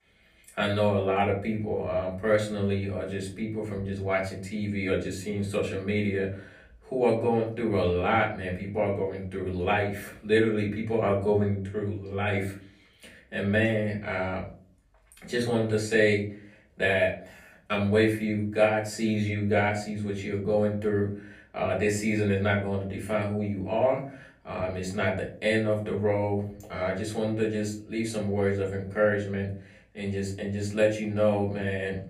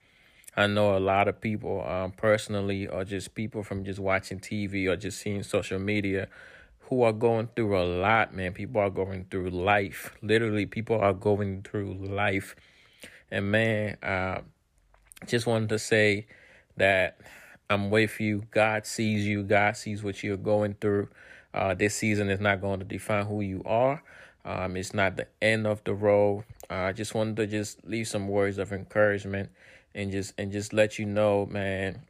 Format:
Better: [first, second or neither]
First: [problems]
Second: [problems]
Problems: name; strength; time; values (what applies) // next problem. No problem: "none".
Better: second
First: off-mic speech; far // room echo; slight; dies away in 0.4 s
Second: none